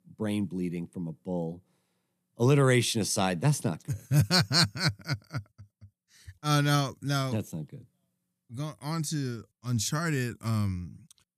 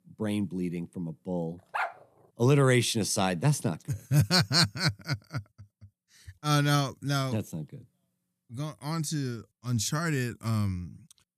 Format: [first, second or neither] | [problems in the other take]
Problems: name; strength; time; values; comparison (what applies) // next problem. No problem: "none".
first | dog barking; noticeable; at 1.5 s; peak 5 dB below the speech